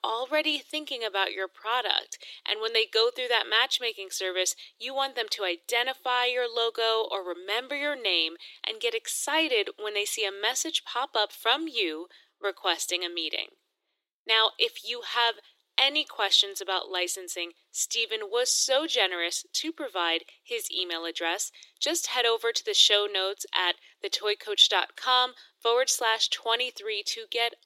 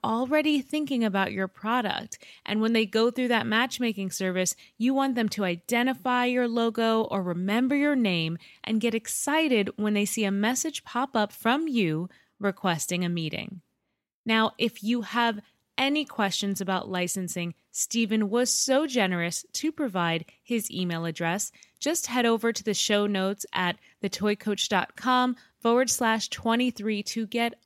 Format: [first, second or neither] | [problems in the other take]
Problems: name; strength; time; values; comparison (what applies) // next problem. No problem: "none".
second | thin; very; fading below 350 Hz